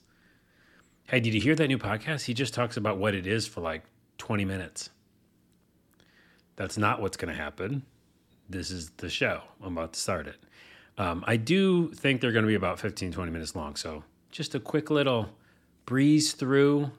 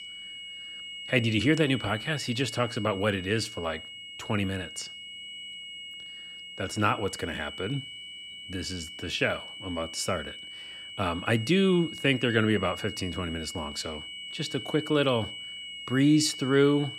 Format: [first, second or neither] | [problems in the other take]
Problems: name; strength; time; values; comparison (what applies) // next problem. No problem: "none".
first | high-pitched whine; noticeable; throughout; 3 kHz, 10 dB below the speech